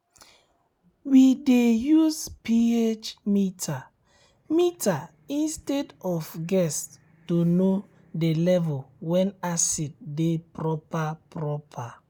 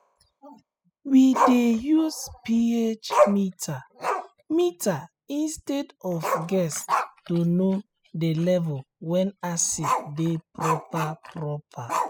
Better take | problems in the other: first | noise reduction (classical method spectral subtraction)

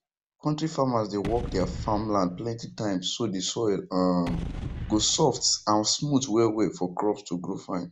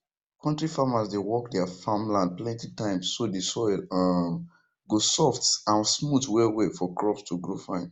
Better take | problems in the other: second | background sound (Gunshot, gunfire / Boom); 12 dB below the speech

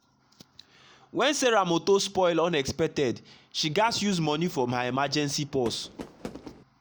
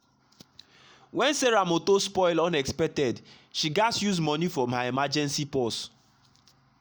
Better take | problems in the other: second | background sound (Fireworks); 18 dB below the speech

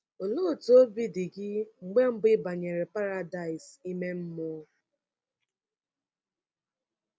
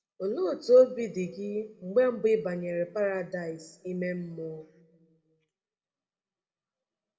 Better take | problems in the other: first | room echo; dies away in 1 s

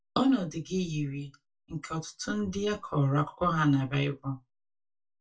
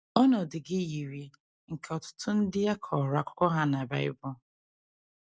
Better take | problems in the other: second | room echo; dies away in 0.2 s

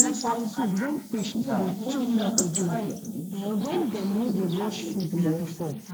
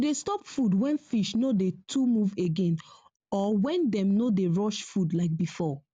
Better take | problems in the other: second | noise reduction (neural mask model Resemble Enhance denoiser)

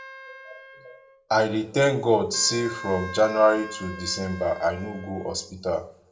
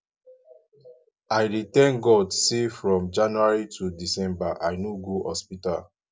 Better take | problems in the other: second | background sound (Wind instrument, woodwind instrument); 16 dB below the speech // room echo; dies away in 0.4 s

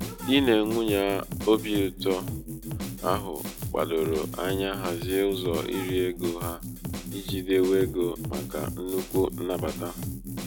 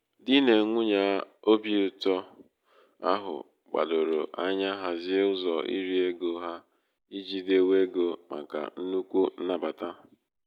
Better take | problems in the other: second | background sound (Drum kit); 7 dB below the speech

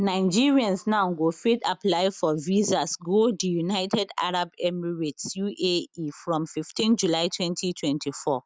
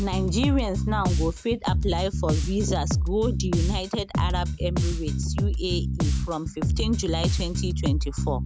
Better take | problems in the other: first | background sound (Bass guitar); 3 dB above the speech

